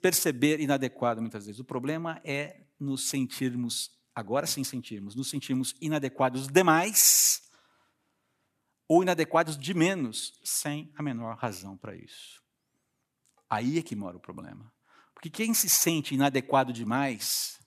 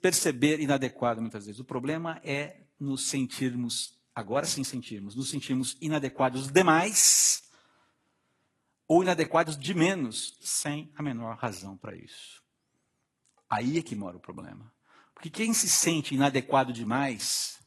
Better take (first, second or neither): first